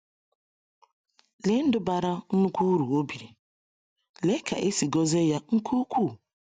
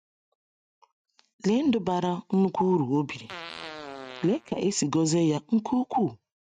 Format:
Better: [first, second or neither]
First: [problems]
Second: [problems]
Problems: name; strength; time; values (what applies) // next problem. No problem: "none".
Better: first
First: none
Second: noise reduction (neural mask model RNNoise)